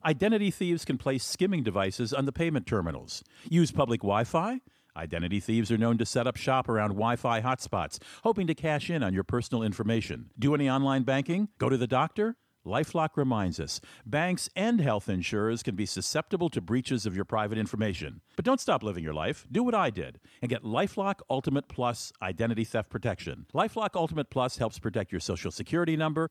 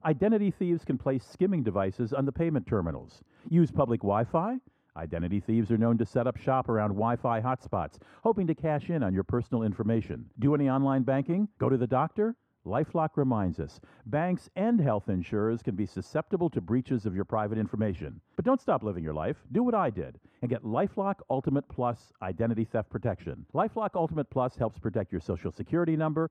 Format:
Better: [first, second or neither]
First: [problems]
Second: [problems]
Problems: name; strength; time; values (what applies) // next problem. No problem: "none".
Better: first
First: none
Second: muffled; very; fading above 2.5 kHz